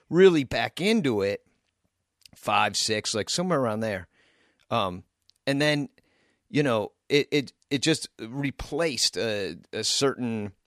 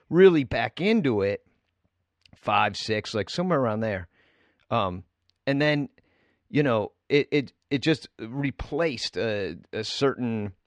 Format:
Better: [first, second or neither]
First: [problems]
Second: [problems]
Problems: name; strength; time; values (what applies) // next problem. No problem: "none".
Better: first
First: none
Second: muffled; slightly; fading above 3 kHz